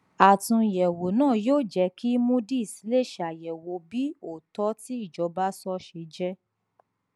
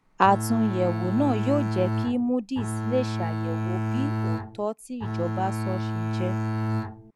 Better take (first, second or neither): first